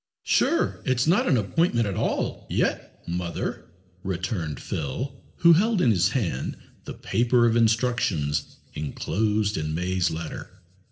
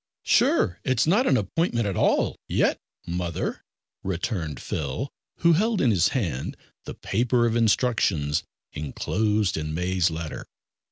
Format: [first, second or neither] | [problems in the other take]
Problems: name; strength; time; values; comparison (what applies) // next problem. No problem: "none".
second | room echo; dies away in 0.8 s